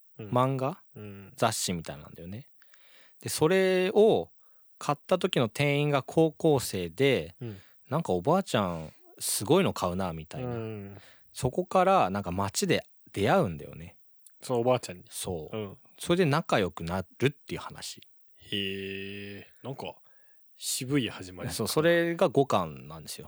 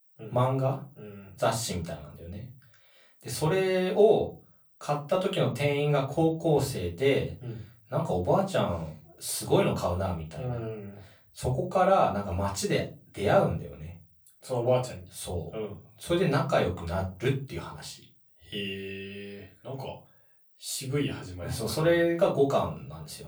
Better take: first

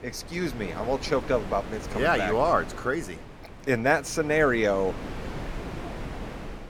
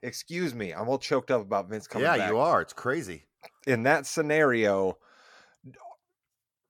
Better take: second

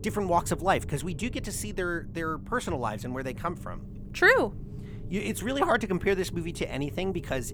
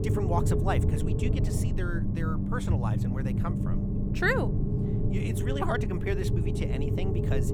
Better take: first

